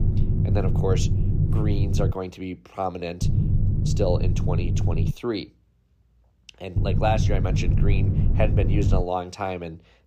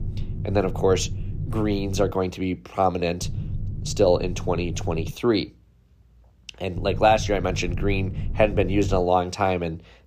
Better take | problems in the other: second | low rumble; loud; until 2 s, from 3 to 5 s and from 7 to 9 s; 6 dB below the speech; faint in the second

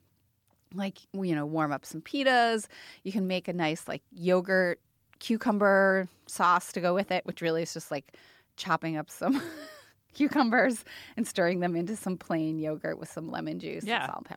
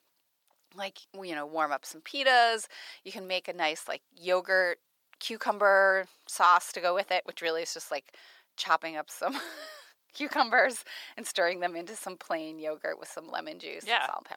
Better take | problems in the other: first | thin; very; fading below 650 Hz

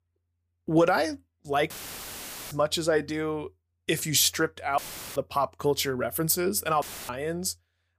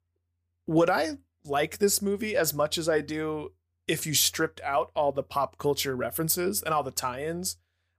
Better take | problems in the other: second | audio cutting out; filled with static; at 1.5 s for 1 s, at 5 s and at 7 s

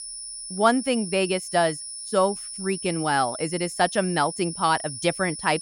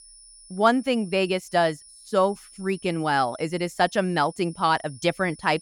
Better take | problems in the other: second | high-pitched whine; loud; throughout; 9.5 kHz, 9 dB below the speech; faint in the second

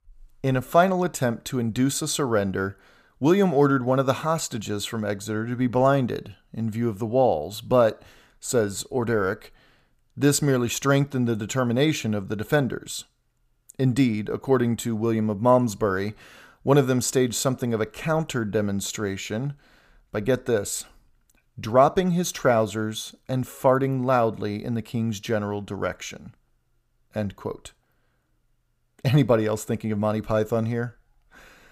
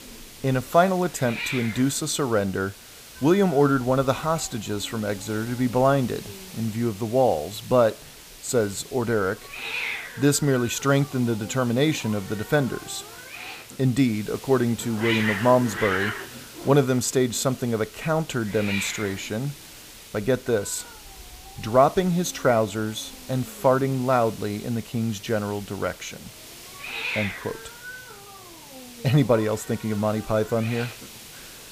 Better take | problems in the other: first | hiss; noticeable; throughout; 10 dB below the speech

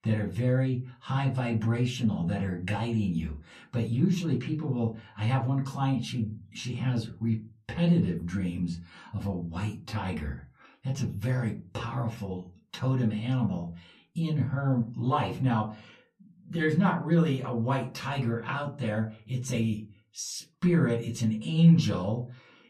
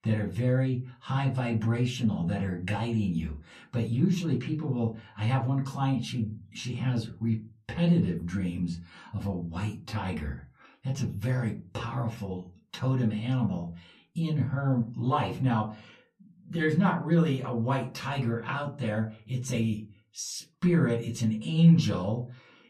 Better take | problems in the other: neither | off-mic speech; far; the same in both // room echo; very slight; dies away in 0.2 s; the same in both

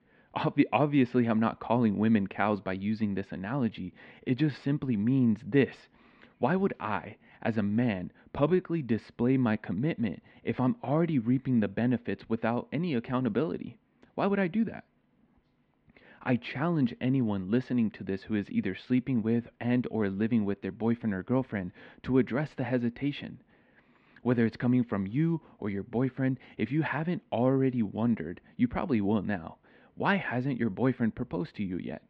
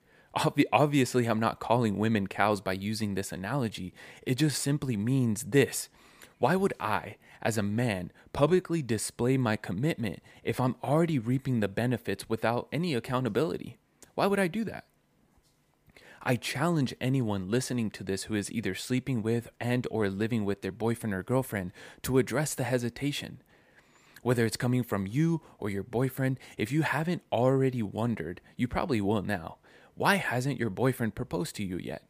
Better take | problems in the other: second | muffled; slightly; fading above 3.5 kHz

